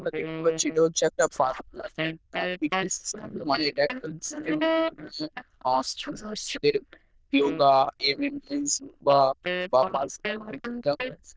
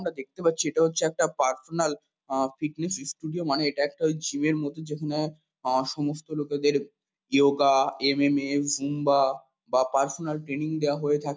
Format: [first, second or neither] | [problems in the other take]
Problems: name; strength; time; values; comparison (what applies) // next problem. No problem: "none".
second | noise reduction (neural diffusion model UNIVERSE++)